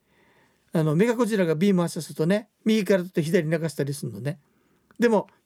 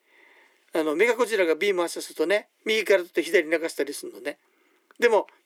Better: first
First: none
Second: thin; very; fading below 300 Hz

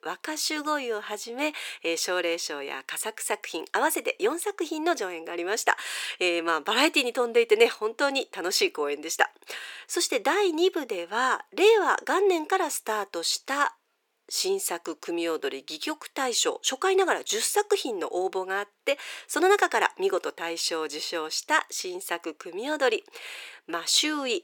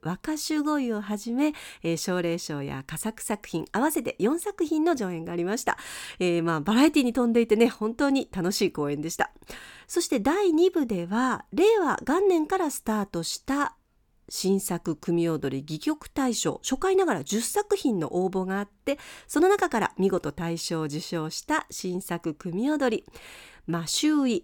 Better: second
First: thin; very; fading below 400 Hz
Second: none

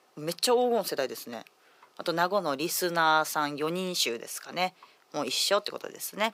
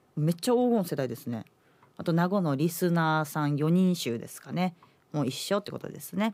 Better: second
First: thin; very; fading below 500 Hz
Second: none

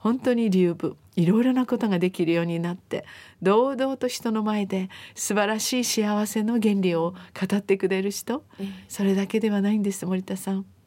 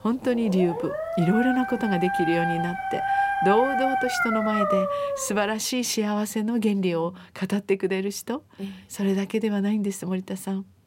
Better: first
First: none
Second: dog barking; loud; until 5.5 s; peak 3 dB above the speech

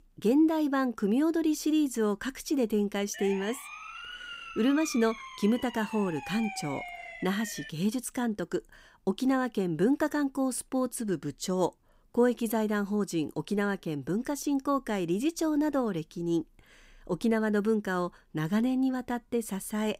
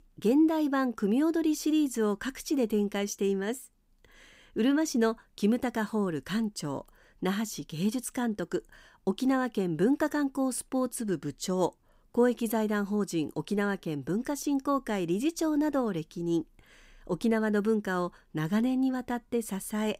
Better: second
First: siren; noticeable; from 3 to 7.5 s; peak 9 dB below the speech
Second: none

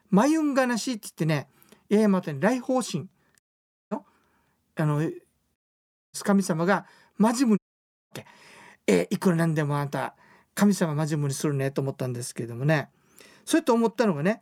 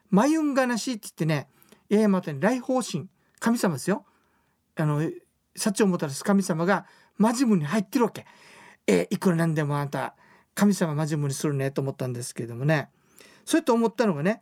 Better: second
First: audio cutting out; at 3.5 s for 0.5 s, at 5.5 s for 0.5 s and at 7.5 s for 0.5 s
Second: none

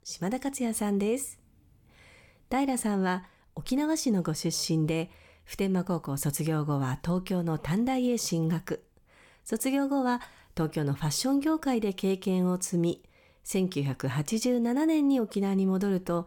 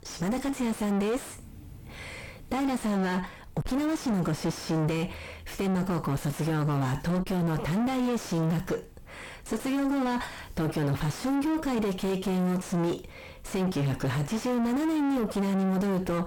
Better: first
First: none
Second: distortion; heavy; 3 dB below the speech

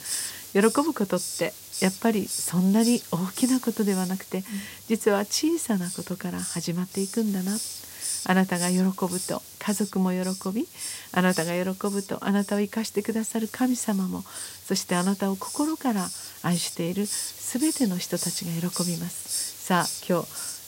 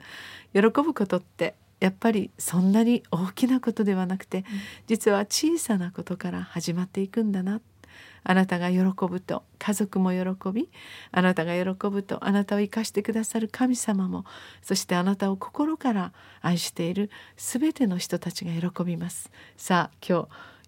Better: second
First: hiss; loud; throughout; 7 dB below the speech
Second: none

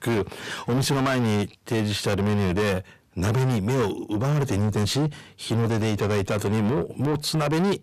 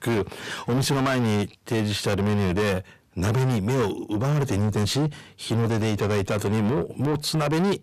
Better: neither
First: distortion; heavy; 6 dB below the speech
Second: distortion; heavy; 6 dB below the speech

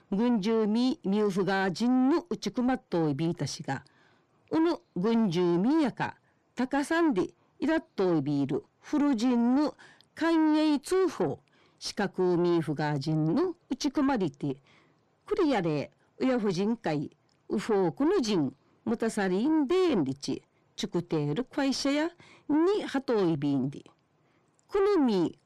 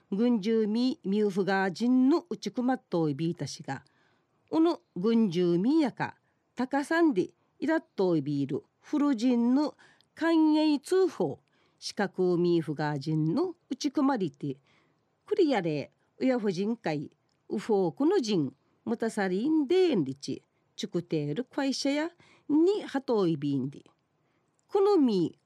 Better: second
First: distortion; slight; 10 dB below the speech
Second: none

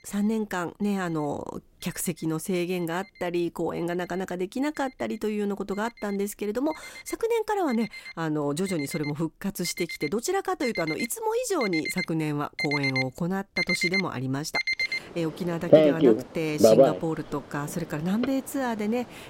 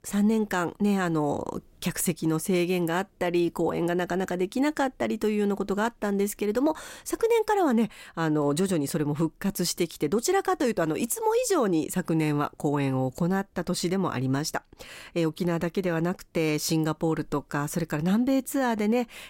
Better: second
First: alarms or sirens; very loud; throughout; 4 dB above the speech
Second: none

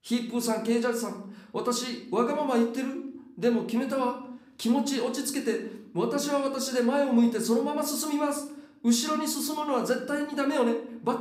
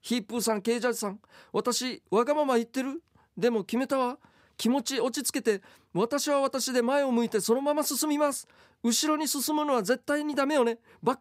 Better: second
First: room echo; slight; dies away in 0.5 s // off-mic speech; somewhat distant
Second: none

